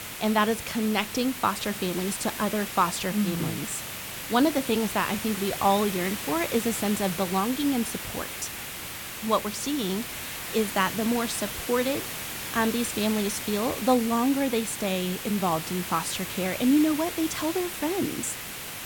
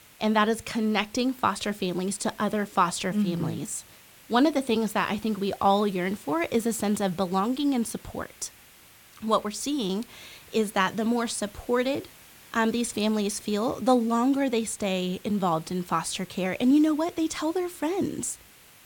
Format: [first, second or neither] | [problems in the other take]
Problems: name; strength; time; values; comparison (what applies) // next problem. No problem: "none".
second | hiss; loud; throughout; 6 dB below the speech; faint in the second